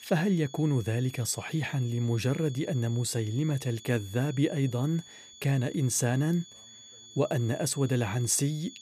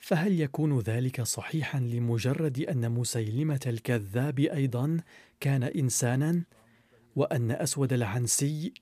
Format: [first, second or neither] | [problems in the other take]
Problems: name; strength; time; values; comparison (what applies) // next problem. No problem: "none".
second | high-pitched whine; noticeable; throughout; 3.5 kHz, 20 dB below the speech